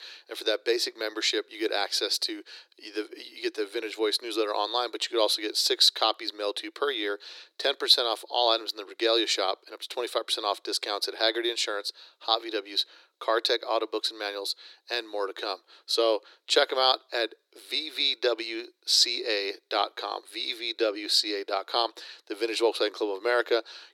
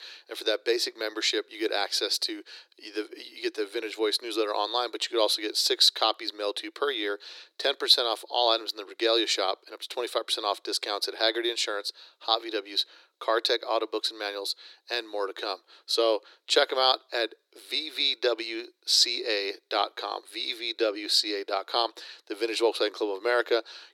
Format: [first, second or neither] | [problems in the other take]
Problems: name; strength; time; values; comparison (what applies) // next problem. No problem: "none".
neither | thin; very; fading below 350 Hz; the same in both